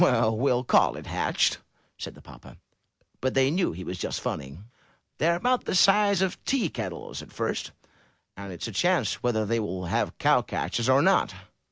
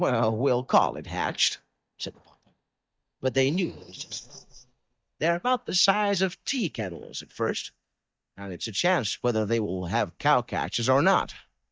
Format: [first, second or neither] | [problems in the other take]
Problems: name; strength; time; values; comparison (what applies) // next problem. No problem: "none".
first | noise reduction (neural mask model DeepFilterNet 3)